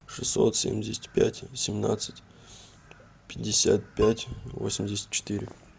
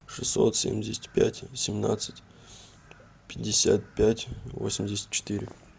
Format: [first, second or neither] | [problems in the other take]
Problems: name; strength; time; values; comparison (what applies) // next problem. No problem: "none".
second | background sound (Keyboard (musical)); 16 dB below the speech